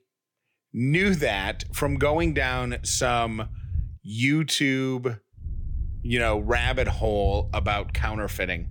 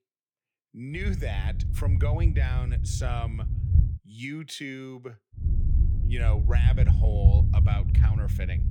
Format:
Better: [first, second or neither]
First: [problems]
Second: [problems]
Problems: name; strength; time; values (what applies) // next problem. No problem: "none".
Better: first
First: low rumble; faint; from 1 to 4 s and from 5.5 s on; 25 dB below the speech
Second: low rumble; loud; from 1 to 4 s and from 5.5 s on; 3 dB below the speech